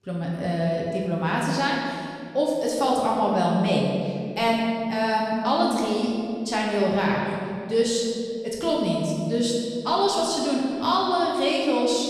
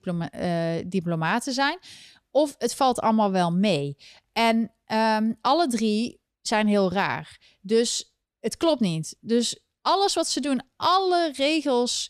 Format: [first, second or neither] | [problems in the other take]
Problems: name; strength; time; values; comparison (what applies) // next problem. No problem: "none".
second | room echo; noticeable; dies away in 2 s // off-mic speech; far